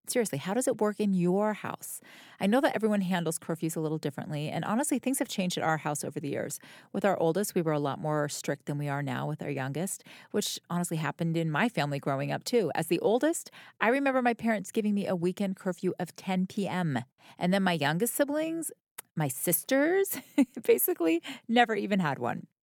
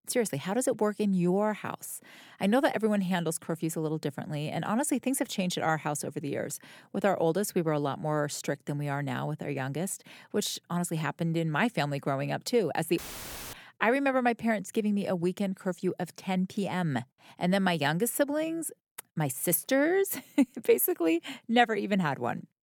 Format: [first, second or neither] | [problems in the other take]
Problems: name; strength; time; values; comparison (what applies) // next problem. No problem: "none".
first | audio cutting out; filled with static; at 13 s for 0.5 s